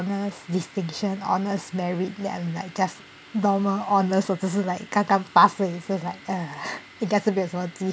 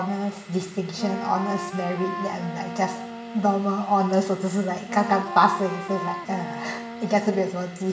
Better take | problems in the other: first | background sound (Wind instrument, woodwind instrument); 9 dB below the speech // room echo; dies away in 0.8 s

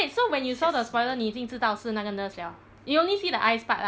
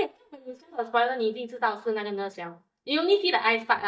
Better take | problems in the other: first | noise reduction (neural mask model DeepFilterNet 3)

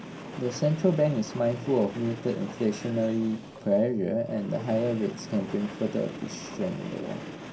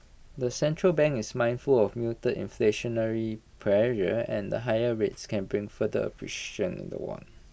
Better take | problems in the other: second | background sound (Train); 12 dB below the speech // room echo; dies away in 0.3 s

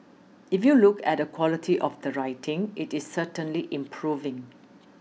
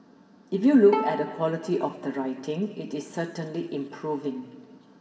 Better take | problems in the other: first | background sound (Bowed string instrument); 10 dB below the speech // room echo; dies away in 1.8 s

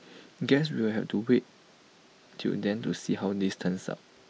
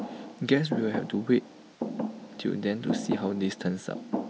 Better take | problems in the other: first | background sound (Thump, thud); 6 dB below the speech

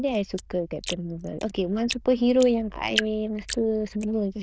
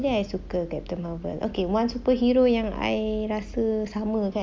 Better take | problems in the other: second | noise reduction (neural diffusion model UNIVERSE++)

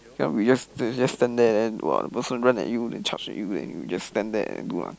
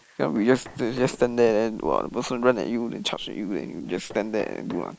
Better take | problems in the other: first | noise reduction (neural mask model Resemble Enhance denoiser)

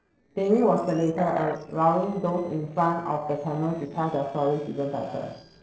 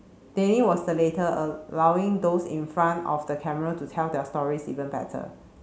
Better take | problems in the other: second | noise reduction (neural separator model SepFormer DNS4)

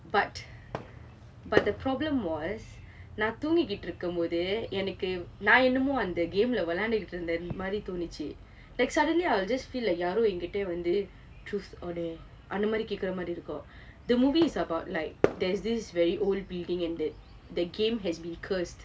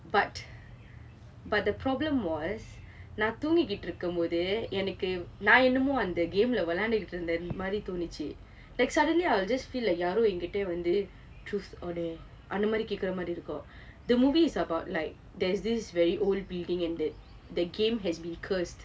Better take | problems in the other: second | background sound (Fireworks); 8 dB below the speech

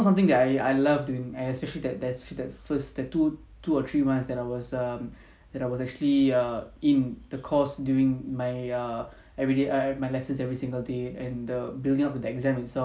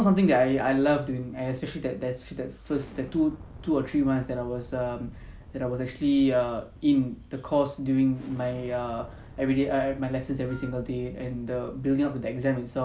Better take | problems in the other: first | background sound (Wind instrument, woodwind instrument + Explosion); 20 dB below the speech

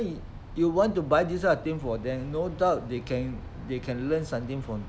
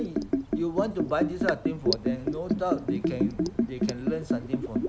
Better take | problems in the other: first | background sound (Liquid); 3 dB above the speech

